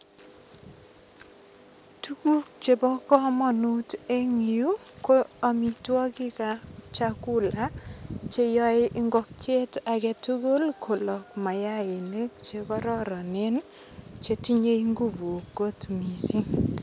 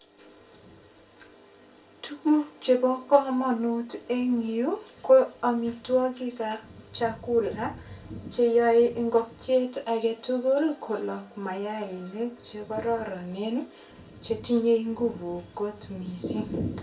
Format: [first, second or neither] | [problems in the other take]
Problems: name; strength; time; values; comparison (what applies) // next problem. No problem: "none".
first | room echo; dies away in 0.3 s